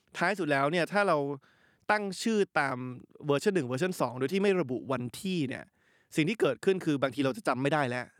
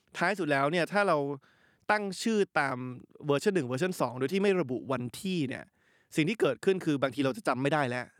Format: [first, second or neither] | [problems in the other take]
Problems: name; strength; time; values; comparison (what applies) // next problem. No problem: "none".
neither | none